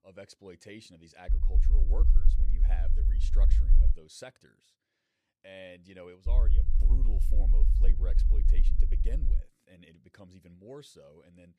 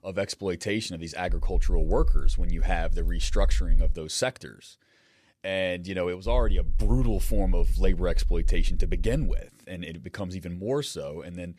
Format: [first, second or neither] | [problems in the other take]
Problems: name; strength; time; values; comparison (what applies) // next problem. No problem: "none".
second | low rumble; loud; from 1.5 to 4 s and from 6.5 to 9.5 s; 3 dB below the speech; faint in the second